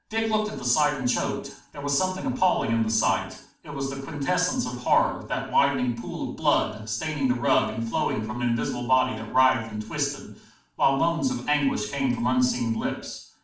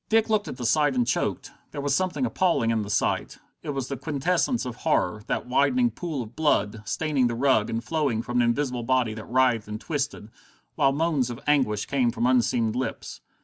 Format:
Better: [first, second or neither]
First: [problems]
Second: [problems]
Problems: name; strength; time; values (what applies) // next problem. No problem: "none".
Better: second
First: room echo; dies away in 0.5 s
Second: none